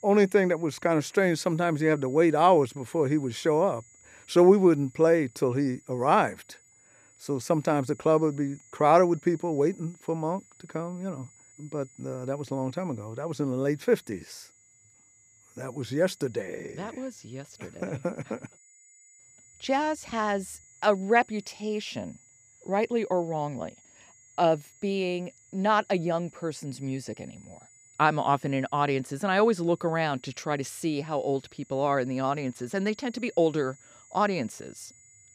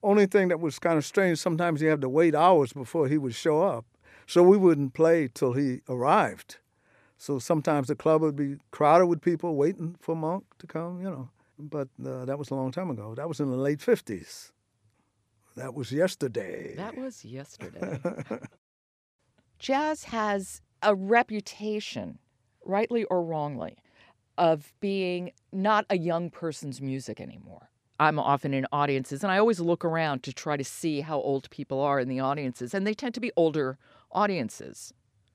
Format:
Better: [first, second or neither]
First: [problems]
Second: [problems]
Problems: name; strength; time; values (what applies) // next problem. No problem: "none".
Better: second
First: high-pitched whine; faint; throughout; 7 kHz, 30 dB below the speech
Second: none